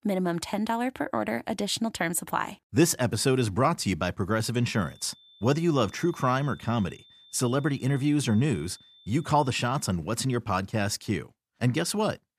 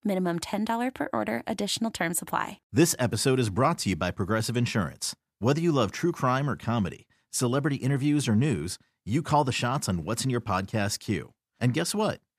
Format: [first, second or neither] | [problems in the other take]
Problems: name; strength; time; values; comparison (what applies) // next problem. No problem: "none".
second | high-pitched whine; faint; from 4.5 to 10 s; 3.5 kHz, 25 dB below the speech